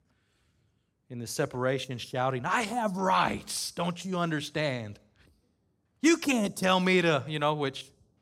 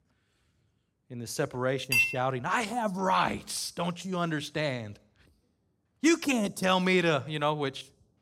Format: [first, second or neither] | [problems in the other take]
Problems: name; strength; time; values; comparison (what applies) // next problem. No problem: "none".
first | clattering dishes; loud; at 2 s; peak 4 dB above the speech